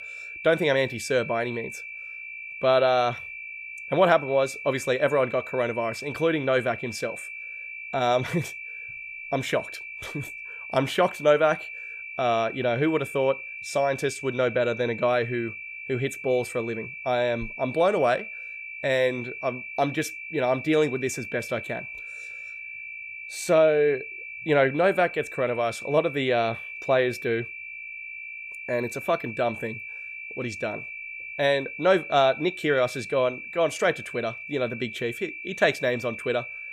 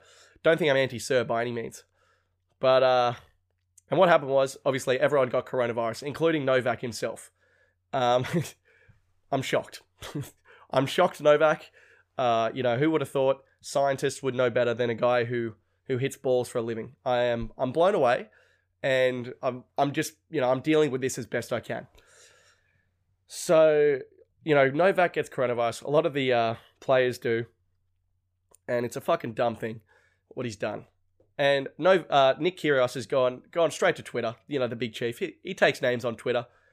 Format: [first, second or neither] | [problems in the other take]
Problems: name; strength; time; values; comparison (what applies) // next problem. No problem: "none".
second | high-pitched whine; noticeable; throughout; 2.5 kHz, 10 dB below the speech